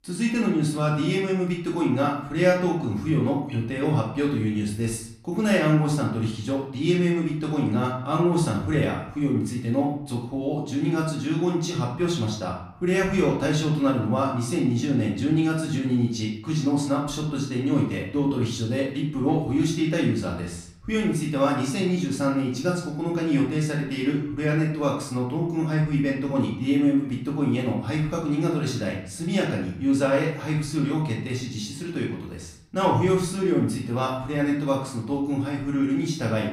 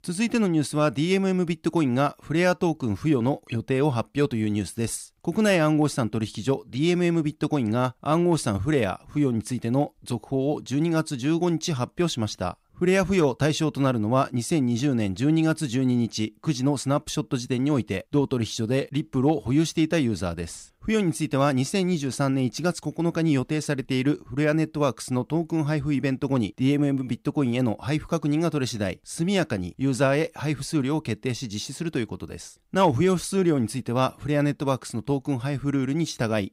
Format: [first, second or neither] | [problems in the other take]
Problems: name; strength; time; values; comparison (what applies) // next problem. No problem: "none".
second | room echo; noticeable; dies away in 0.6 s // off-mic speech; far